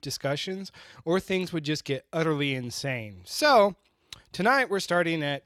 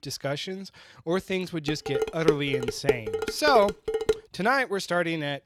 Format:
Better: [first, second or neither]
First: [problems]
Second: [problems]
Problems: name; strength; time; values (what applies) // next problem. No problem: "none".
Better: first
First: none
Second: clattering dishes; loud; from 1.5 to 4 s; peak 1 dB above the speech